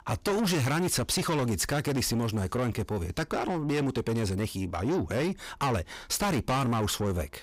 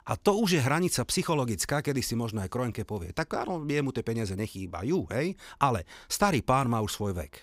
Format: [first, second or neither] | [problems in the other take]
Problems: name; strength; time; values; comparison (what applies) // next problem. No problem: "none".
second | distortion; heavy; 6 dB below the speech